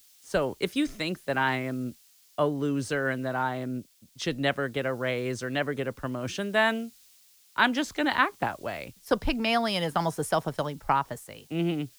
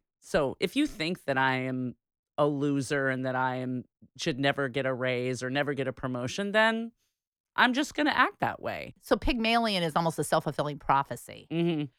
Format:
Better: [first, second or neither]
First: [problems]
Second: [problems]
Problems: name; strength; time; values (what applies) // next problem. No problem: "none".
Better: second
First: hiss; faint; throughout; 25 dB below the speech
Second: none